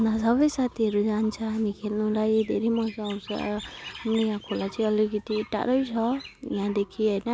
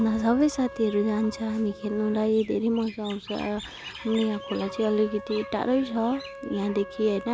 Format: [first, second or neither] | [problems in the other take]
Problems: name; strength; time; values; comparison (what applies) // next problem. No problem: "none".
first | background sound (Wind instrument, woodwind instrument); 16 dB below the speech